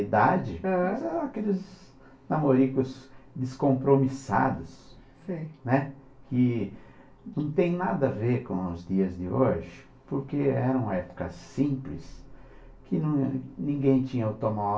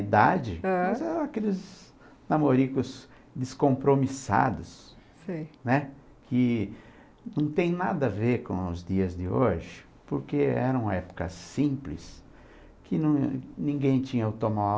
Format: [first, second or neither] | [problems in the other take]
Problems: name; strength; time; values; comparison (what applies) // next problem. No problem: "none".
second | room echo; dies away in 0.2 s